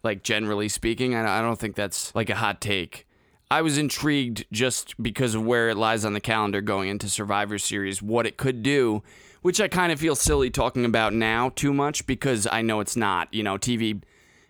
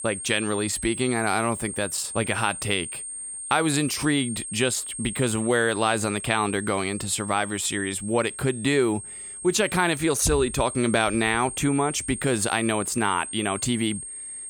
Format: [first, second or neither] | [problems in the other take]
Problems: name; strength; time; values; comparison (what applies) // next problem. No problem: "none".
first | high-pitched whine; loud; throughout; 8.5 kHz, 8 dB below the speech